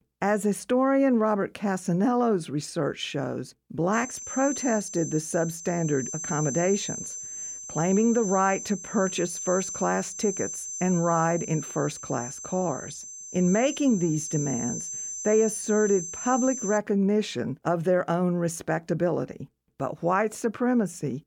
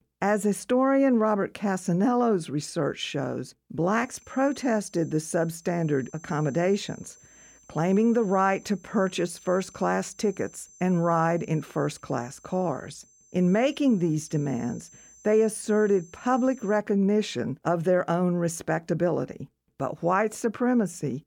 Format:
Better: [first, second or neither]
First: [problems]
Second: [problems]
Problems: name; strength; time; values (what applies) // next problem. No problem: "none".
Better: second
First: high-pitched whine; loud; from 4 to 17 s; 6 kHz, 7 dB below the speech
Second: high-pitched whine; faint; from 4 to 17 s; 6 kHz, 25 dB below the speech